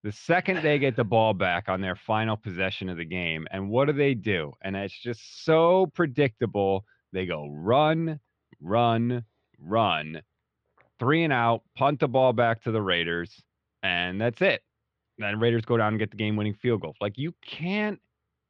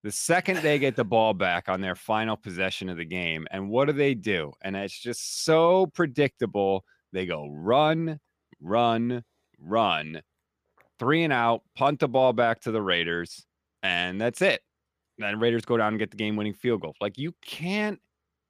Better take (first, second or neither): second